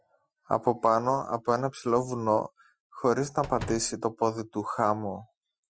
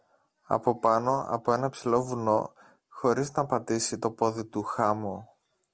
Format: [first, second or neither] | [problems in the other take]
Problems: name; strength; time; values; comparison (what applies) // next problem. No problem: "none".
second | noise reduction (classical method Wiener filter)